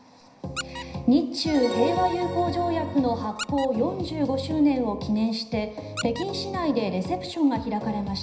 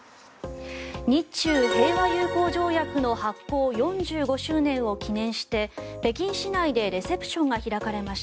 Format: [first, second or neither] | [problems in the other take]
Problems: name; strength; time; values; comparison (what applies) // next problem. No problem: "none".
second | background sound (Squeak); 18 dB below the speech // room echo; dies away in 0.9 s